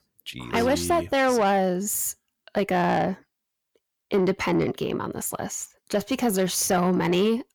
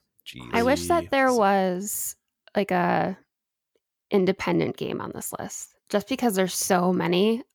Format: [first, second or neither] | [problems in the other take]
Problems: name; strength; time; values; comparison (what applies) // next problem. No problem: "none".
second | distortion; slight; 10 dB below the speech